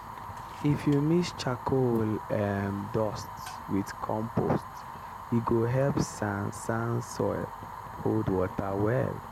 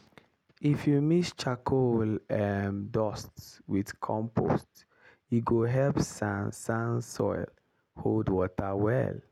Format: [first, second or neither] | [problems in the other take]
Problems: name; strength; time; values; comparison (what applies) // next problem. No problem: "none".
second | background sound (Fire); 11 dB below the speech